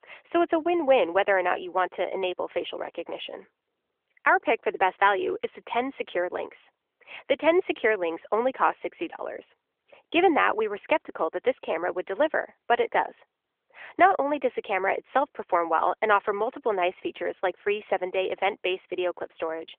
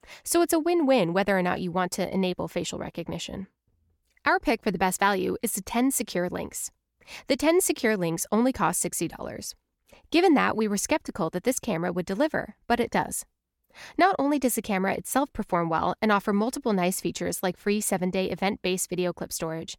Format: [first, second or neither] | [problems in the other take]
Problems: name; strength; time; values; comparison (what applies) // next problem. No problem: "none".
second | phone-call audio; nothing above 3.5 kHz